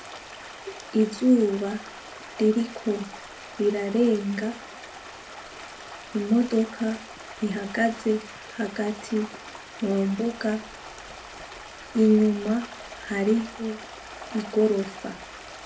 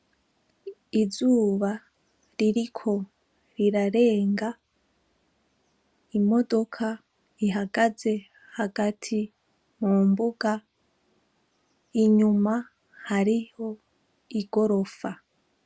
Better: second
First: background sound (Stream); 15 dB below the speech // room echo; dies away in 0.3 s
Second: none

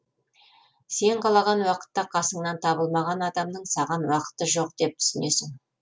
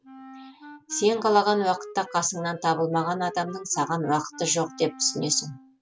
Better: first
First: none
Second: background sound (Wind instrument, woodwind instrument); 19 dB below the speech

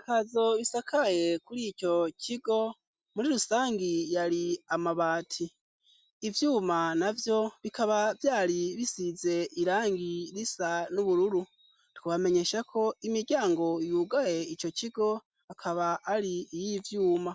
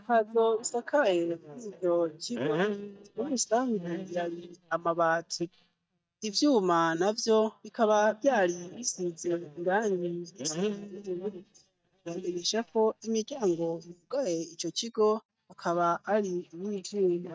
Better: first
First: none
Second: noise reduction (neural mask model DeepFilterNet 3)

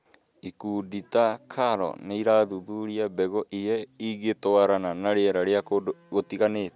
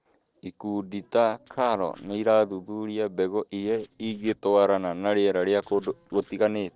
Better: first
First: none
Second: noise reduction (neural separator model SepFormer DNS4)

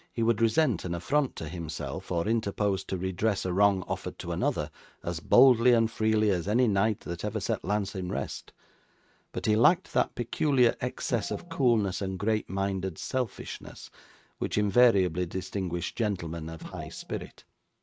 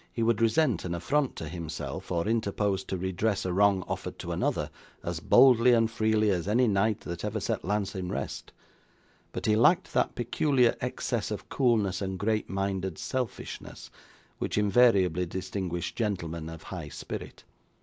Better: second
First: noise reduction (neural mask model RNNoise)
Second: none

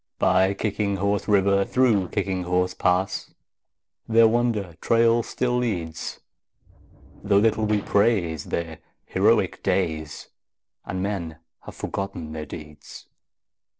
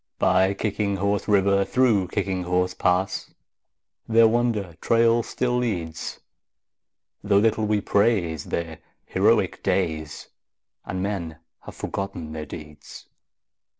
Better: second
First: noise reduction (neural separator model SepFormer DNS4)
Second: none

